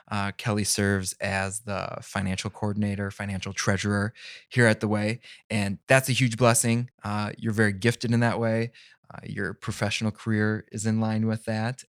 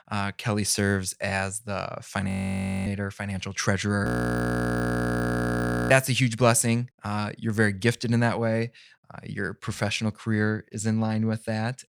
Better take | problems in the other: first | audio freezing; at 2.5 s for 0.5 s and at 4 s for 2 s

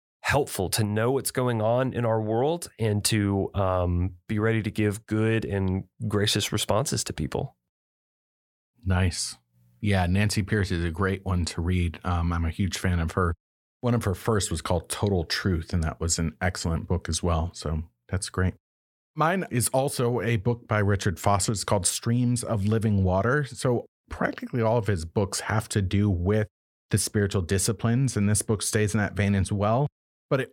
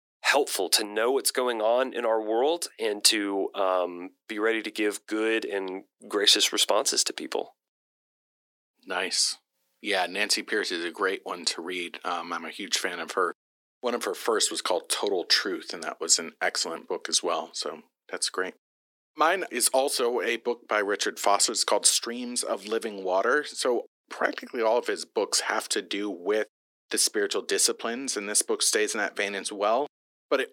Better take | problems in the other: first | thin; very; fading below 300 Hz

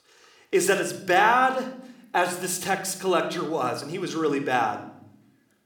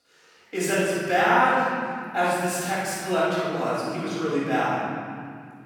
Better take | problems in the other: first | room echo; strong; dies away in 2.6 s; slight in the first // off-mic speech; far

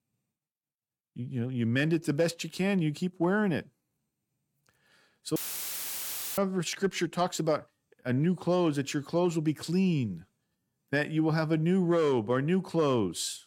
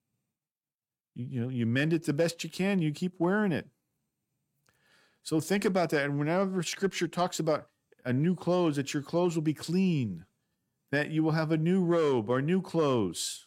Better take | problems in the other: second | audio cutting out; filled with static; at 5.5 s for 1 s

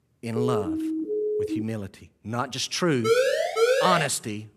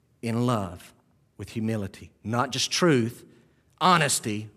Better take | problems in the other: second | siren; loud; until 1.5 s and from 3 to 4 s; peak 6 dB above the speech

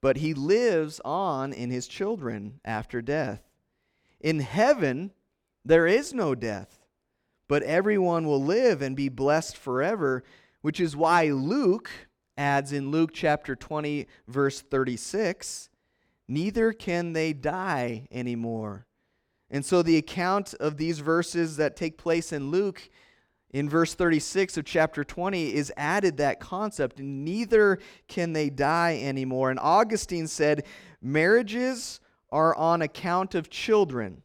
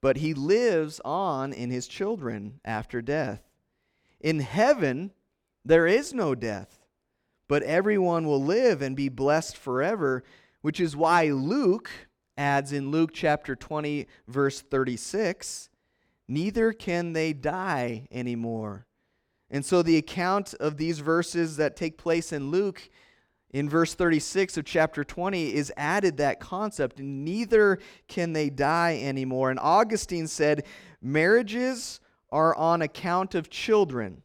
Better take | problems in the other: neither | none

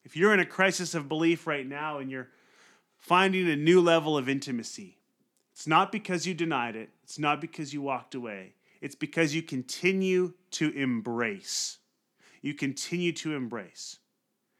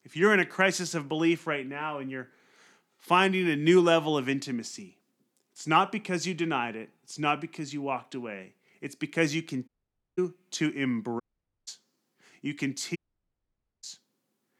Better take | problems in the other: first | audio cutting out; at 9.5 s, at 11 s and at 13 s for 1 s

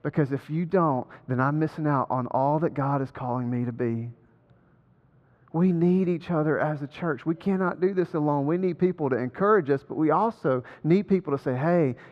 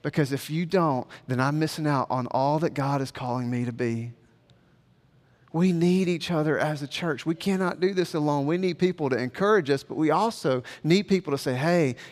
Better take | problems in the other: second | muffled; very; fading above 2.5 kHz

